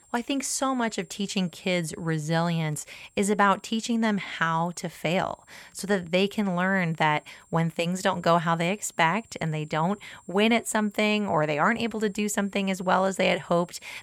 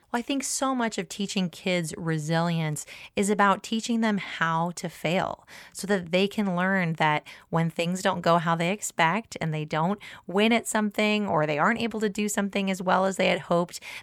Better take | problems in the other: second | high-pitched whine; faint; throughout; 7.5 kHz, 30 dB below the speech

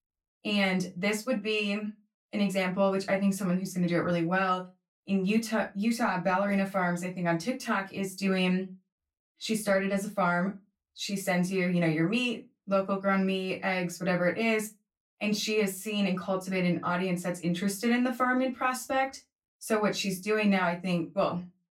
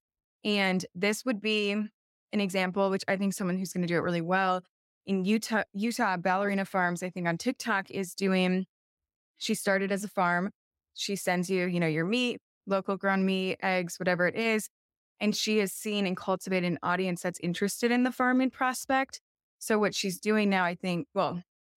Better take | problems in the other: second | off-mic speech; far // room echo; very slight; dies away in 0.2 s

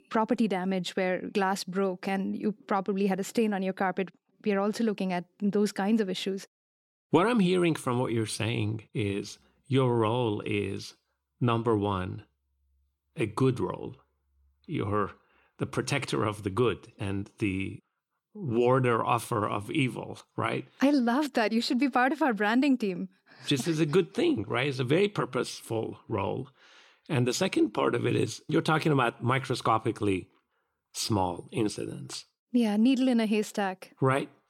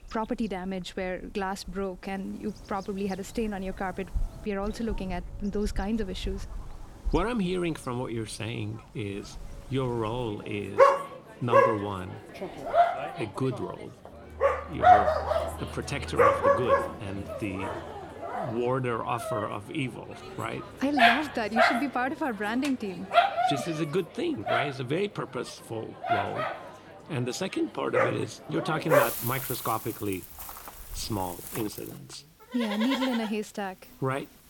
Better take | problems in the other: first | animal sounds; very loud; throughout; 5 dB above the speech

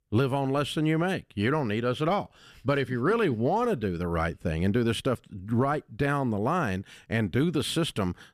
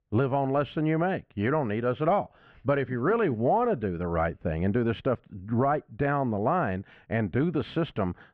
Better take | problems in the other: first | muffled; very; fading above 2 kHz

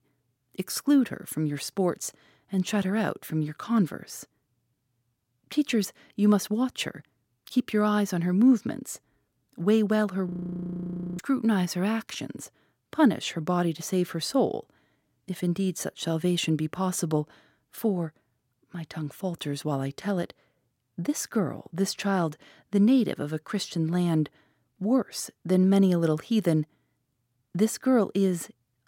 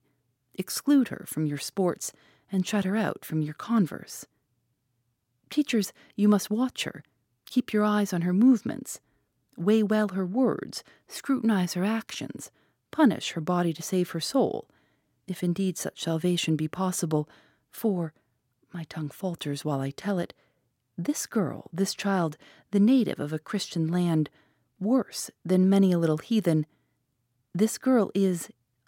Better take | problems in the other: second | audio freezing; at 10 s for 1 s

